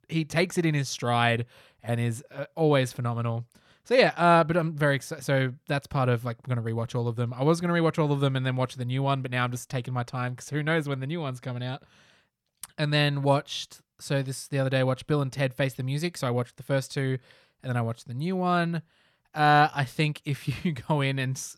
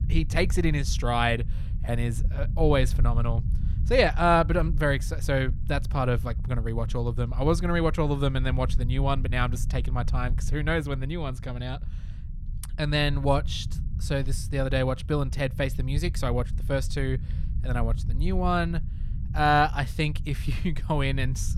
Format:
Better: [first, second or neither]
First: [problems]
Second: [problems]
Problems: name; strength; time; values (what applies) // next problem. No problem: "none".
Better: first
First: none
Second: low rumble; noticeable; throughout; 20 dB below the speech